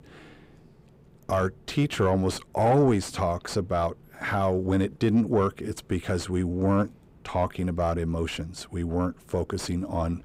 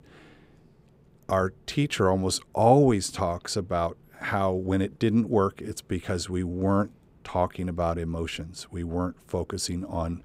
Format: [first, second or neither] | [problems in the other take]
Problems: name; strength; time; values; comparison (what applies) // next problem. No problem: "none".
second | distortion; slight; 10 dB below the speech